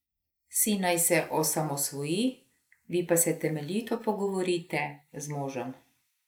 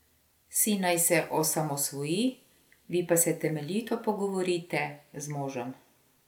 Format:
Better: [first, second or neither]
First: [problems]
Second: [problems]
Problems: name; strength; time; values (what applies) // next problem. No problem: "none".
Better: second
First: noise reduction (neural mask model Resemble Enhance denoiser)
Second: none